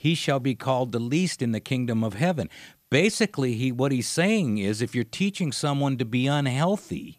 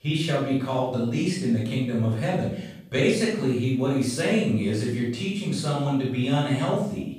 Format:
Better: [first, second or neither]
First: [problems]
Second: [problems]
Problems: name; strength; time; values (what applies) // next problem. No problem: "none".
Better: first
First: none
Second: off-mic speech; far // room echo; noticeable; dies away in 0.6 s